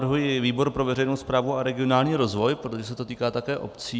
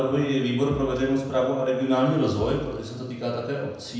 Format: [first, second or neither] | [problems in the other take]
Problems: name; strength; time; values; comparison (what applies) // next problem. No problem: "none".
first | background sound (Bass drum); 14 dB below the speech // room echo; dies away in 0.9 s